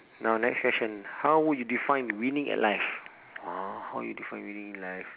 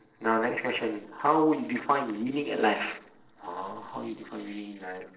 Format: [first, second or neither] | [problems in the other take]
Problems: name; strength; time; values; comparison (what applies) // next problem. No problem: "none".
first | noise reduction (neural separator model SepFormer DNS4)